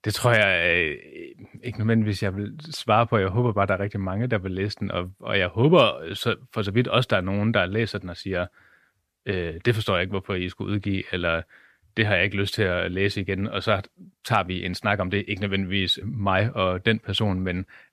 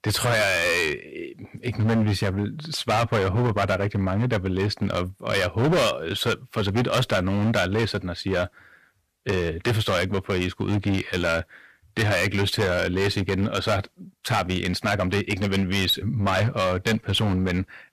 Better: first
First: none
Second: distortion; heavy; 14% of the sound clipped

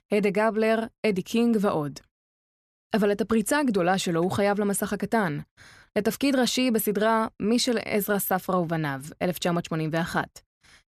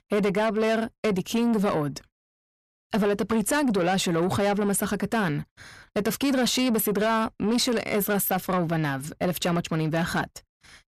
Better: first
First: none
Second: distortion; slight; 10 dB below the speech

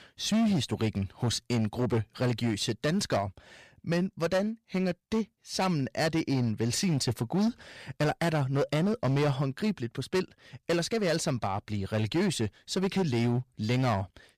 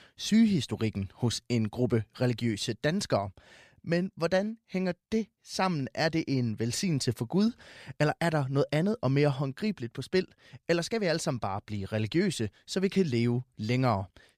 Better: second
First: distortion; slight; 11% of the sound clipped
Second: none

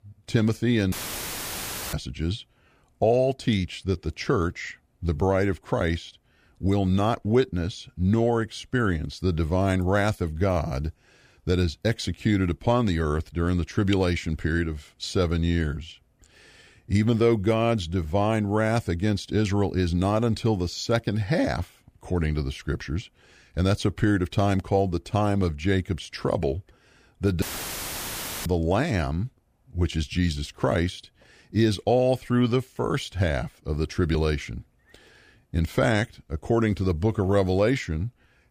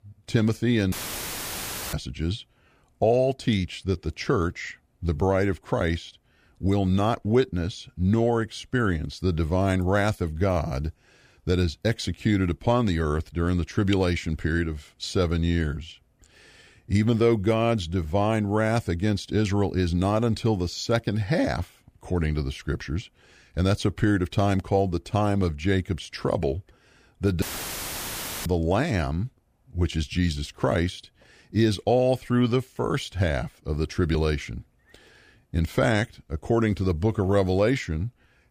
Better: neither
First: audio cutting out; filled with static; at 1 s for 1 s and at 27 s for 1 s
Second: audio cutting out; filled with static; at 1 s for 1 s and at 27 s for 1 s

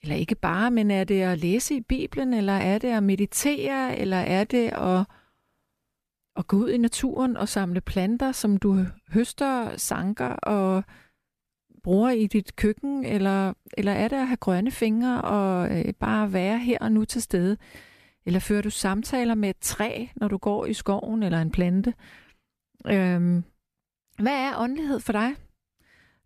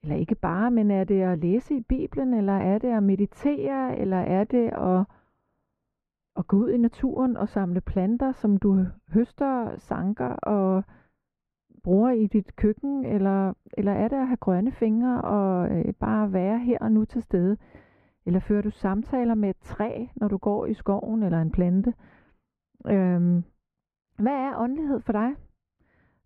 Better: first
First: none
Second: muffled; very; fading above 3 kHz

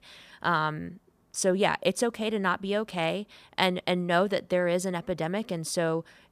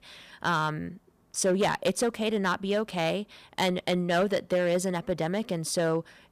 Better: first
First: none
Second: distortion; slight; 4% of the sound clipped

